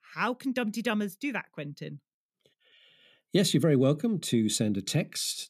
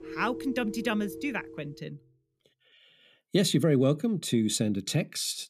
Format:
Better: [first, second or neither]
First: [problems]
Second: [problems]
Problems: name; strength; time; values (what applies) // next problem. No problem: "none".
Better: first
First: none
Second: background music; noticeable; until 1.5 s; 15 dB below the speech